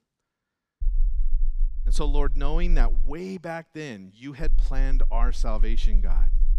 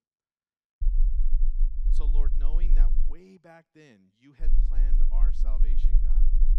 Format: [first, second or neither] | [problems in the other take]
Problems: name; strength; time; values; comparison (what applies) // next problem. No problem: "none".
first | low rumble; loud; from 1 to 3 s and from 4.5 s on; 4 dB below the speech; faint in the first